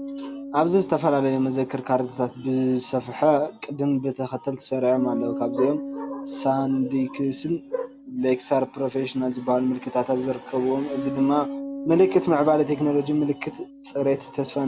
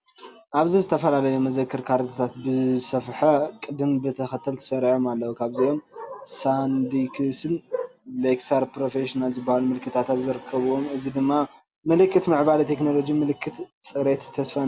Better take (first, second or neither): second